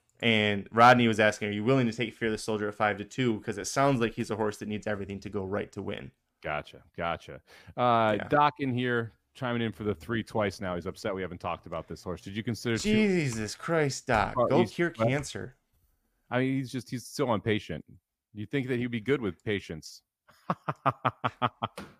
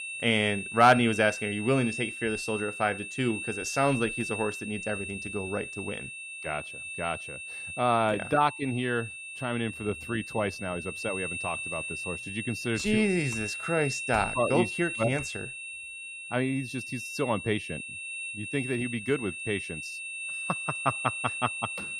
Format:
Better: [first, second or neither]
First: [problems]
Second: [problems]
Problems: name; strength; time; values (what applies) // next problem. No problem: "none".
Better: first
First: none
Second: high-pitched whine; loud; throughout; 2.5 kHz, 6 dB below the speech